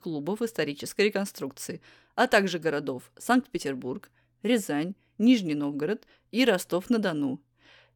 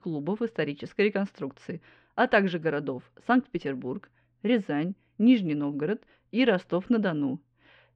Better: first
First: none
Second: muffled; slightly; fading above 3 kHz

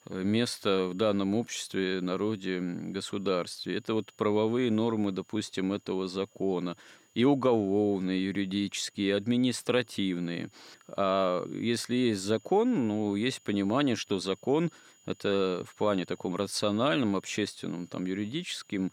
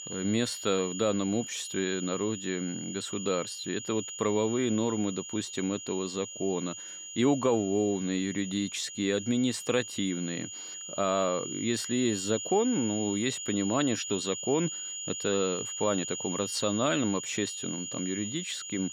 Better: first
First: high-pitched whine; faint; throughout; 7 kHz, 30 dB below the speech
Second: high-pitched whine; loud; throughout; 7 kHz, 6 dB below the speech

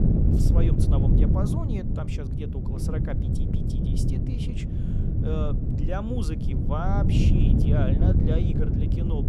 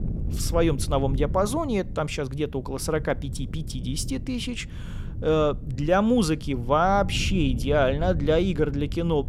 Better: second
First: wind noise on the microphone; heavy; 1 dB above the speech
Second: wind noise on the microphone; occasional gusts; 20 dB below the speech

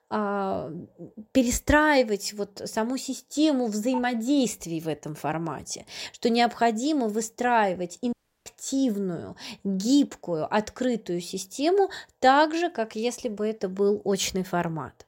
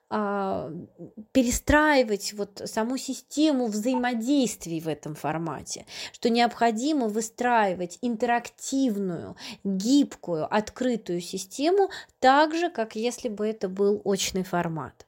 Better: second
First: audio cutting out; at 8 s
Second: none

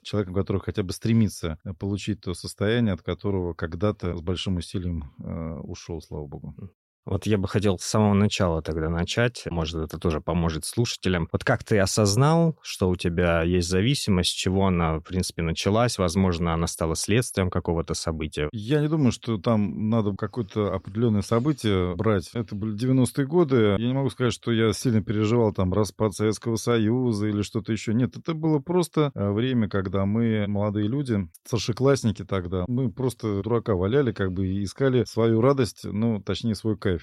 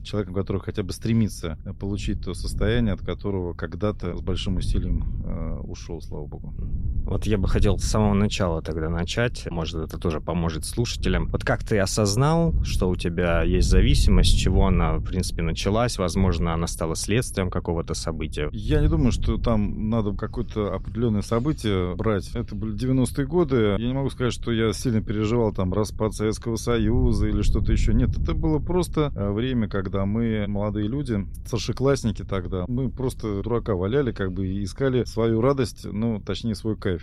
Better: first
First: none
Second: wind noise on the microphone; occasional gusts; 20 dB below the speech

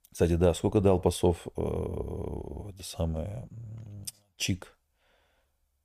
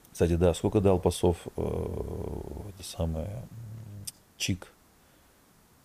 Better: first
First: none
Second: hiss; faint; throughout; 30 dB below the speech

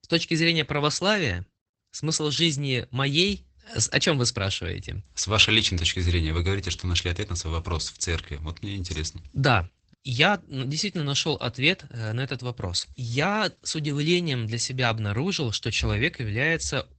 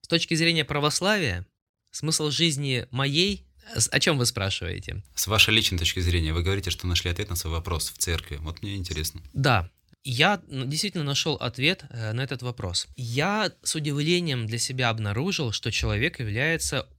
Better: second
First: garbled, watery; badly; nothing above 8 kHz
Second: none

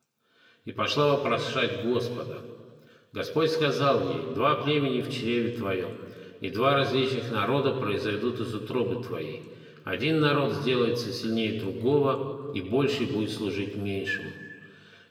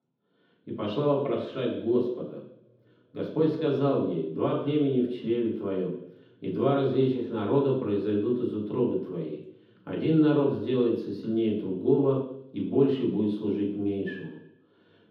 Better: first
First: room echo; slight; dies away in 1.5 s // off-mic speech; somewhat distant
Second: room echo; strong; dies away in 0.9 s // off-mic speech; far

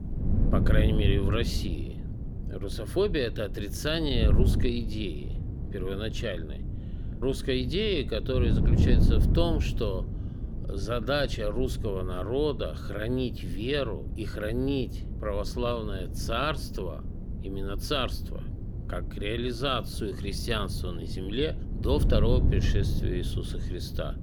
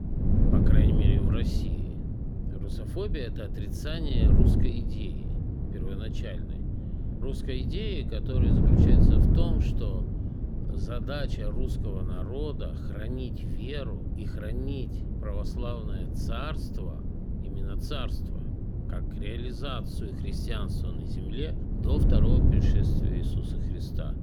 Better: first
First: wind noise on the microphone; occasional gusts; 10 dB below the speech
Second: wind noise on the microphone; heavy; 1 dB above the speech

